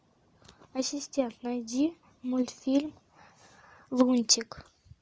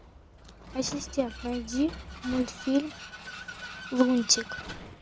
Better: first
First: none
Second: background sound (Vehicle); 12 dB below the speech

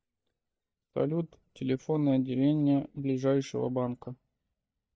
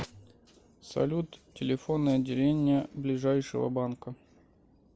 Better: second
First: noise reduction (neural mask model DeepFilterNet 3)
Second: none

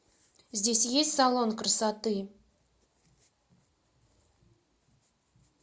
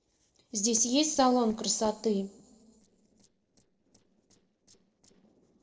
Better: first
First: none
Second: noise reduction (neural separator model SepFormer DNS4)

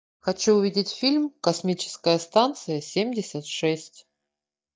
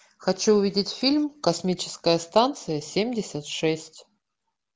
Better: second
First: noise reduction (neural mask model DeepFilterNet 3)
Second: none

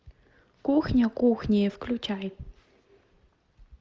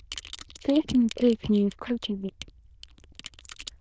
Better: first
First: none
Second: noise reduction (neural diffusion model UNIVERSE++)

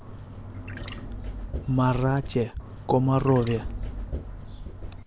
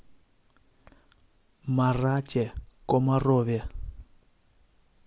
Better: second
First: background sound (Trickle, dribble / Chirp, tweet); 8 dB below the speech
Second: none

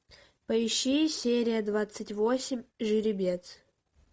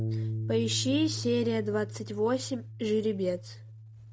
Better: first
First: none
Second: background sound (Bass guitar); 6 dB below the speech

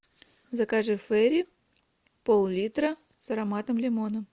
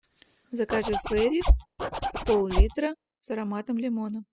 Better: first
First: none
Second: noise reduction (classical method spectral subtraction)

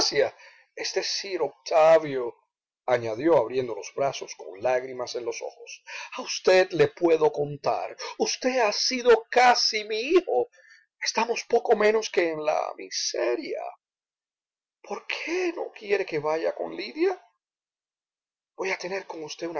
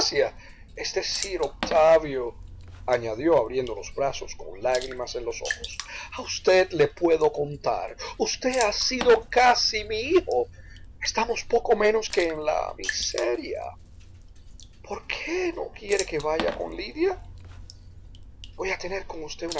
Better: first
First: none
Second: background sound (Water / Splash, splatter); 13 dB below the speech

